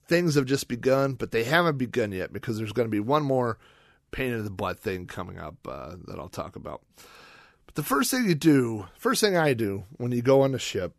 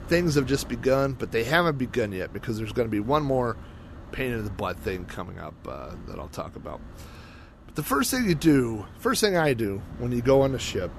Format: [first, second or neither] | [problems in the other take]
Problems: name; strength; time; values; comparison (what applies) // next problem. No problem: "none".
first | wind noise on the microphone; occasional gusts; 20 dB below the speech